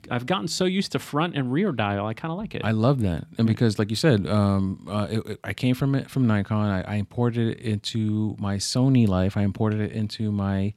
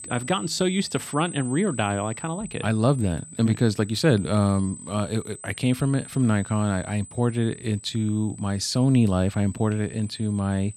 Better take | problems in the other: first | high-pitched whine; noticeable; throughout; 8 kHz, 15 dB below the speech

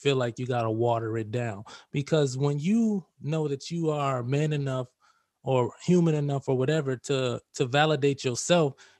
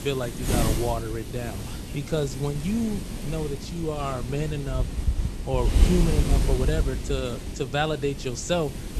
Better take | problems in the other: first | wind noise on the microphone; heavy; 6 dB below the speech

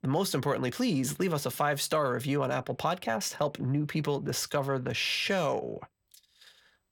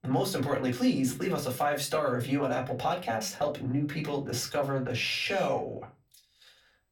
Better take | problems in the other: first | off-mic speech; far // room echo; very slight; dies away in 0.2 s

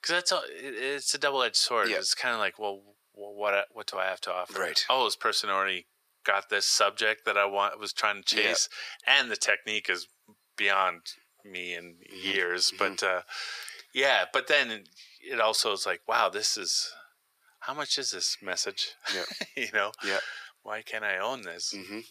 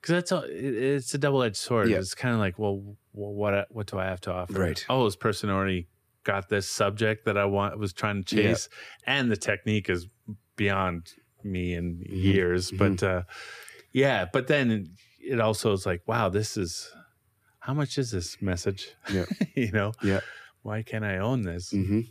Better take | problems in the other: second | thin; very; fading below 800 Hz

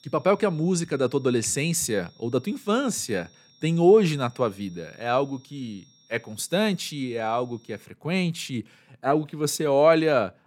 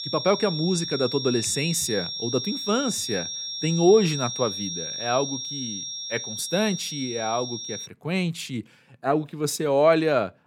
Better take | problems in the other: first | high-pitched whine; loud; until 8 s; 5.5 kHz, 5 dB below the speech; faint in the first

